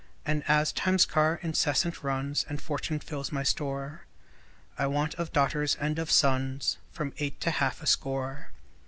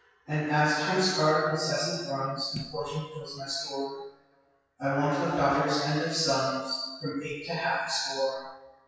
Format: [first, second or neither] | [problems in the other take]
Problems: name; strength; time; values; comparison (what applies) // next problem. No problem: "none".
first | noise reduction (classical method WPE with log-MMSE)